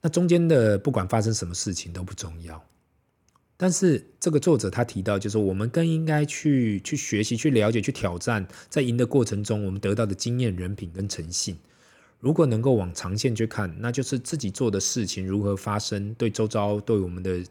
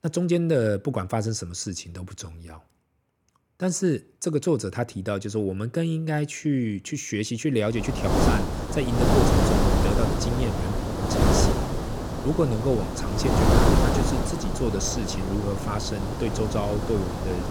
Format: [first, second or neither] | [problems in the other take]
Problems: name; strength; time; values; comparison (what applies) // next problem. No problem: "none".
first | wind noise on the microphone; heavy; from 8 s on; 2 dB above the speech